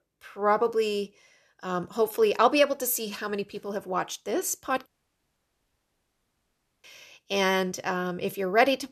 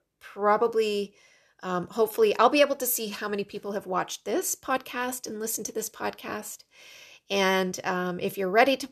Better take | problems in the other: second | audio cutting out; at 5 s for 2 s

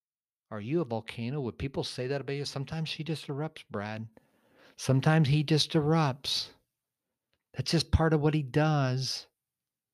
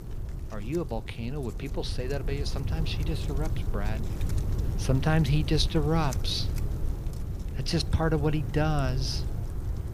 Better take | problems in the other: first | wind noise on the microphone; occasional gusts; 10 dB below the speech

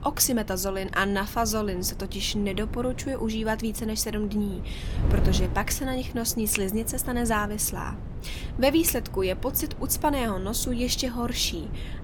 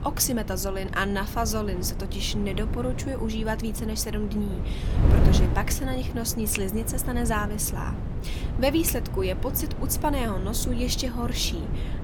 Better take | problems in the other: first | wind noise on the microphone; heavy; 9 dB below the speech; occasional gusts in the first

